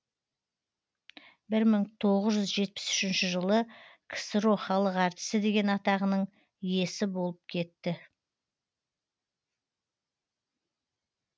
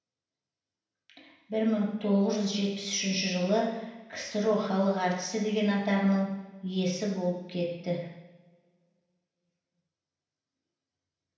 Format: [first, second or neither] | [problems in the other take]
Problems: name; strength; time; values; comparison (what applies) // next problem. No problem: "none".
first | room echo; dies away in 0.9 s